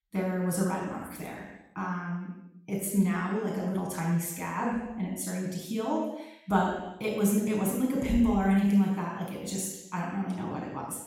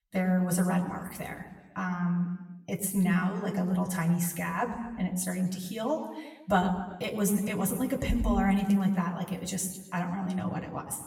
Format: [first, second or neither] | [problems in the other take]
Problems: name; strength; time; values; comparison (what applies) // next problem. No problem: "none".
second | room echo; strong; dies away in 0.9 s; slight in the second // off-mic speech; far; somewhat distant in the second